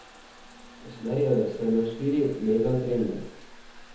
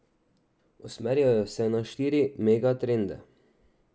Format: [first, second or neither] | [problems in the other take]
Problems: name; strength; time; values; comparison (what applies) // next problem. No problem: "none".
second | background sound (Trickle, dribble / Bathtub (filling or washing) / Water tap, faucet); 17 dB below the speech // room echo; dies away in 1 s